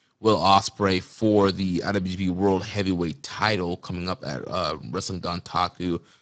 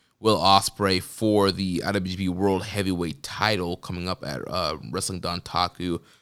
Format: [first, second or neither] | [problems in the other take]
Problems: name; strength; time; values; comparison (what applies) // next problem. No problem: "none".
second | garbled, watery; badly; nothing above 7.5 kHz